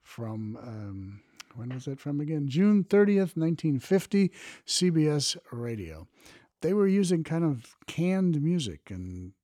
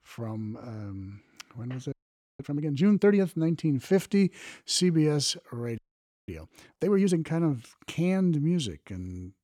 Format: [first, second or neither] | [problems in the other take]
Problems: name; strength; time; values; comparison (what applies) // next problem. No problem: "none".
first | audio freezing; at 2 s and at 6 s for 0.5 s